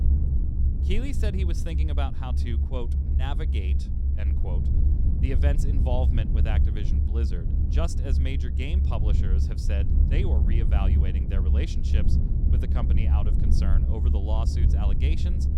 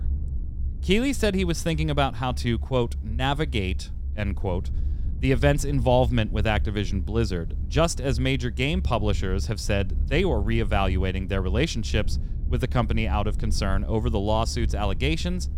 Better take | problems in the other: second | low rumble; loud; throughout; 3 dB below the speech; faint in the second

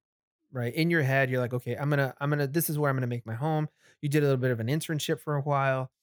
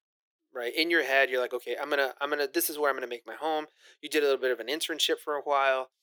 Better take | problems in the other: first | thin; very; fading below 350 Hz

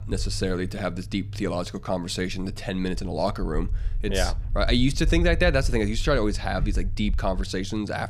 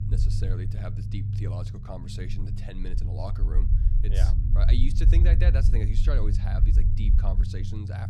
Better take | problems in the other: first | low rumble; loud; throughout; 3 dB below the speech; faint in the first

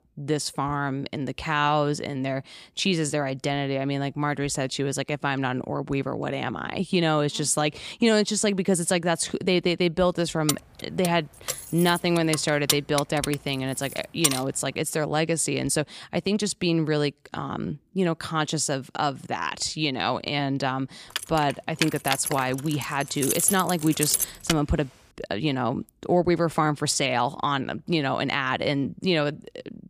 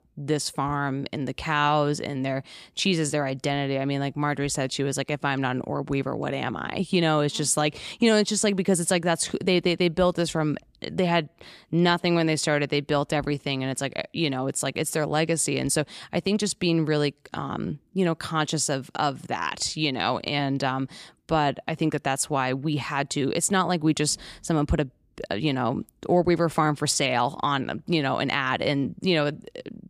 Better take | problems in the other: second | jangling keys; loud; from 10 to 14 s and from 21 to 25 s; peak 2 dB above the speech

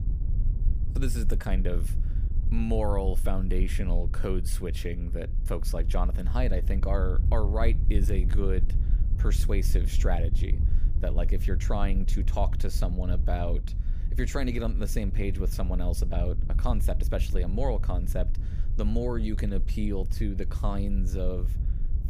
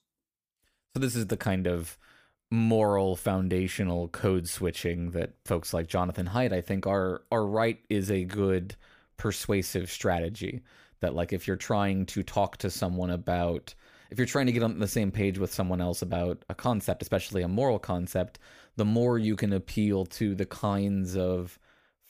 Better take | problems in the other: second | wind noise on the microphone; occasional gusts; 10 dB below the speech

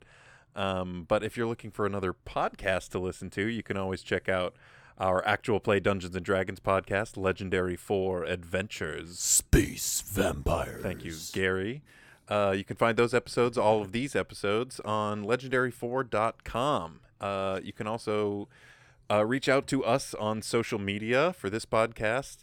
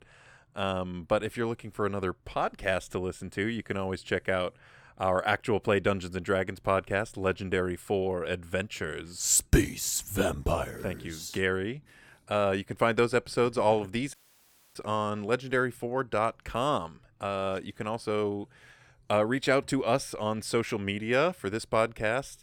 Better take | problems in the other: first | audio cutting out; at 14 s for 0.5 s

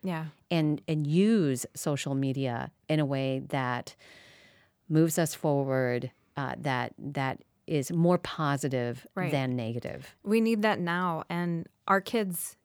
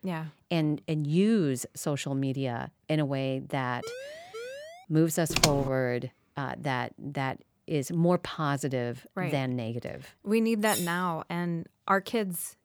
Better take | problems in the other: first | siren; faint; from 4 to 5 s; peak 10 dB below the speech // keyboard typing; loud; at 5.5 s; peak 4 dB above the speech // clattering dishes; noticeable; at 11 s; peak 3 dB below the speech

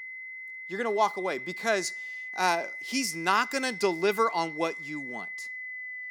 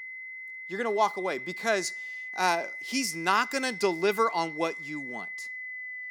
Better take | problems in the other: neither | high-pitched whine; loud; throughout; 2 kHz, 9 dB below the speech; the same in both

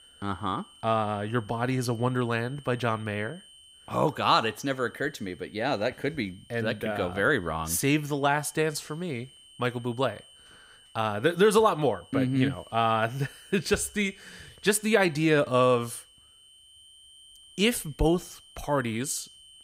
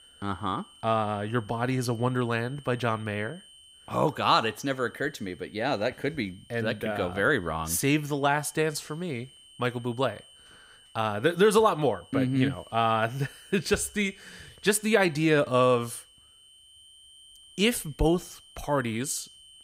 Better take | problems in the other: neither | high-pitched whine; faint; throughout; 3 kHz, 25 dB below the speech; the same in both

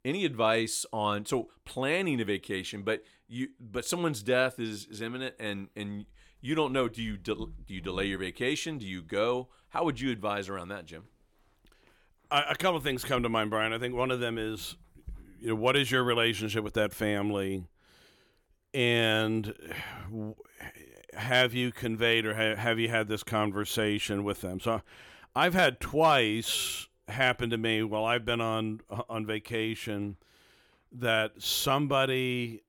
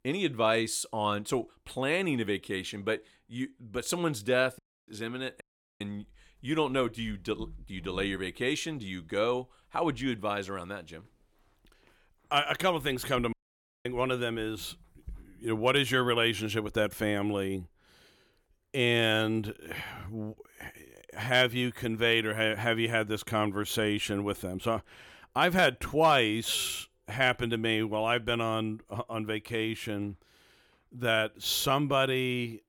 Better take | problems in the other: first | audio cutting out; at 4.5 s, at 5.5 s and at 13 s for 0.5 s

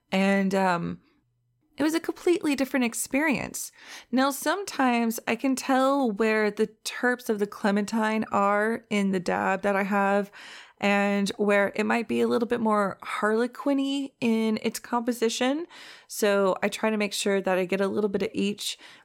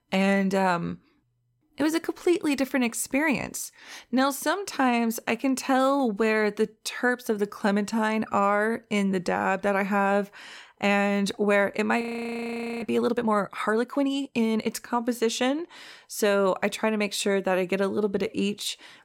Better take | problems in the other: first | audio freezing; at 12 s for 1 s

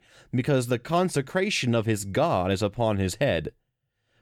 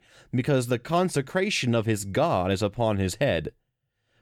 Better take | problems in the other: neither | none

